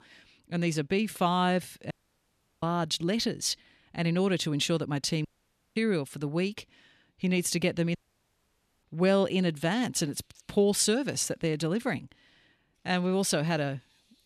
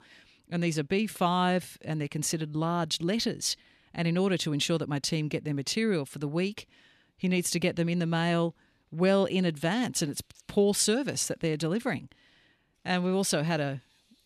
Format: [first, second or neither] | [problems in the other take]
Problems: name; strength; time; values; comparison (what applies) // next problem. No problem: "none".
second | audio cutting out; at 2 s for 0.5 s, at 5.5 s for 0.5 s and at 8 s for 1 s